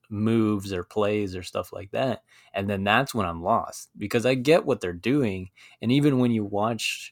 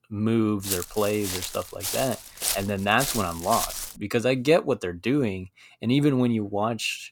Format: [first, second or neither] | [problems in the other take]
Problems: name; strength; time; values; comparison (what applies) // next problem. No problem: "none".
first | footsteps; noticeable; from 0.5 to 4 s; peak 1 dB below the speech